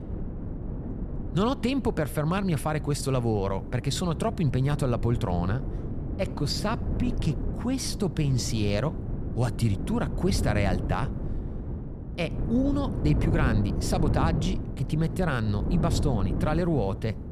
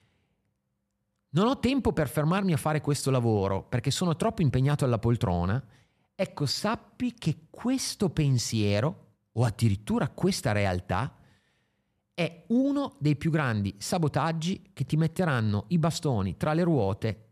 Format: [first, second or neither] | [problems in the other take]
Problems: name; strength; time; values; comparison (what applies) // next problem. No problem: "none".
second | wind noise on the microphone; heavy; 9 dB below the speech